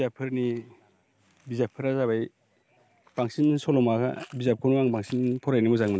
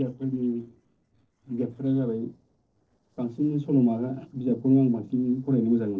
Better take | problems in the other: first | noise reduction (neural separator model SepFormer DNS4)

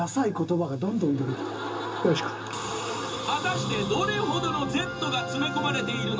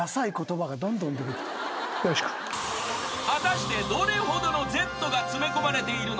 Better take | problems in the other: second | background sound (Tools); 19 dB below the speech // room echo; dies away in 0.2 s

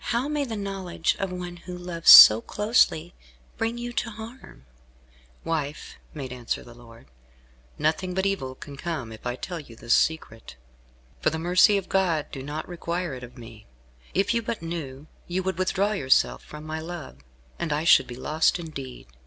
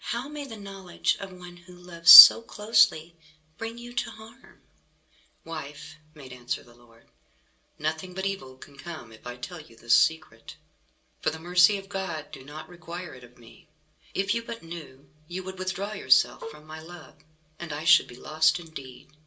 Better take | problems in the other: first | background sound (Marimba, xylophone); 13 dB below the speech // room echo; dies away in 0.2 s

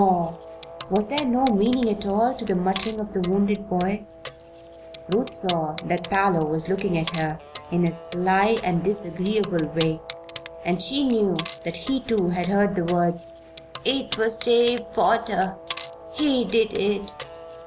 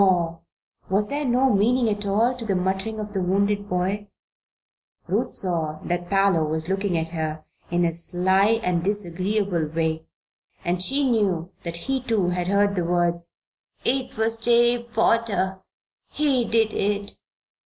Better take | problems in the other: second | background sound (Keys jangling + Guitar); 14 dB below the speech

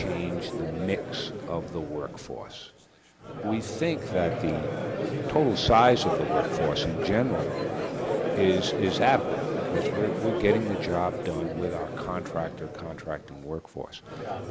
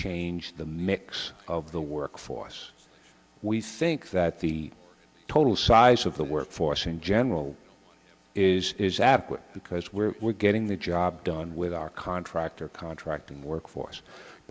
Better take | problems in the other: second | background sound (Crowd); 2 dB below the speech

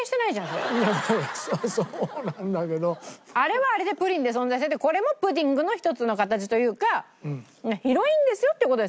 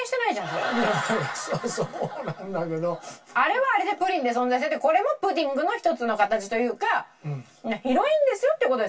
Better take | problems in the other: first | room echo; dies away in 0.2 s

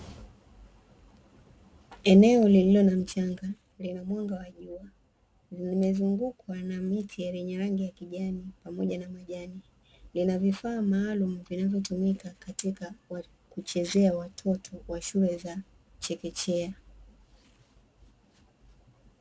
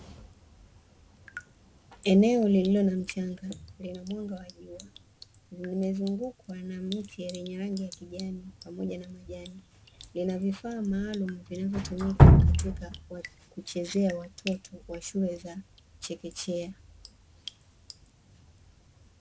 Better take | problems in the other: first | background sound (Drip); 1 dB above the speech

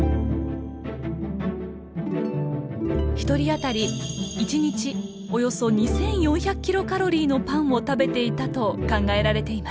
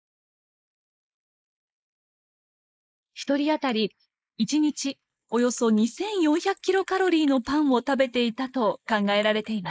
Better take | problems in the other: first | noise reduction (neural mask model Resemble Enhance denoiser)

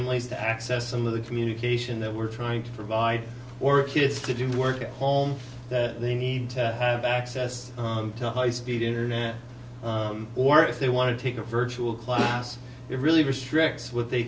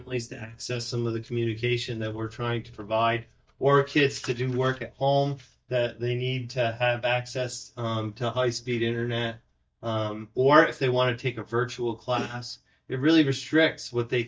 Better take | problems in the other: first | noise reduction (neural mask model DeepFilterNet 3)

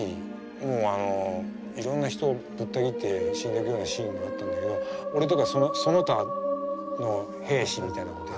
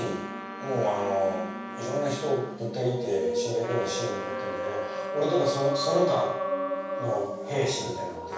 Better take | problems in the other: first | background sound (Trumpet); 13 dB below the speech // room echo; dies away in 0.7 s

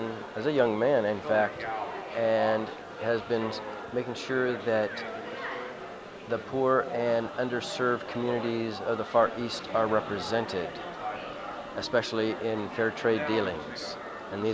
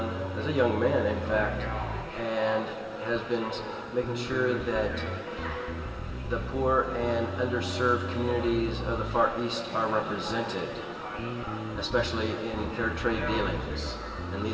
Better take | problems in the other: first | background sound (Bass guitar); 7 dB below the speech // room echo; dies away in 2.3 s

